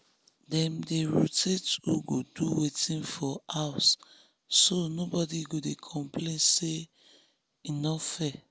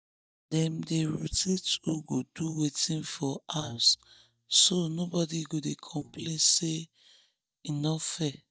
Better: first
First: none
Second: noise reduction (neural mask model DeepFilterNet 3)

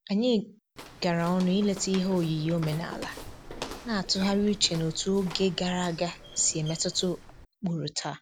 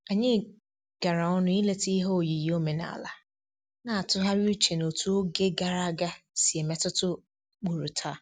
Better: second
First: background sound (Walk, footsteps); 16 dB below the speech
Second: none

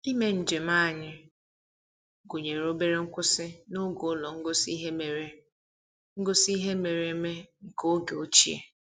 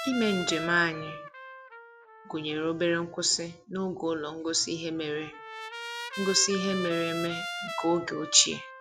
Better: first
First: none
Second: background sound (Trumpet); 10 dB below the speech

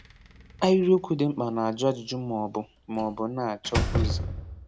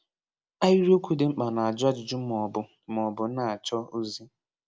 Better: second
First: background sound (Slam); 6 dB below the speech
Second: none

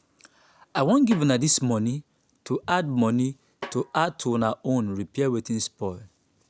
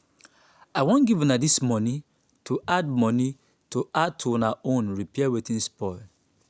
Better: second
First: background sound (Snare drum); 19 dB below the speech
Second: none

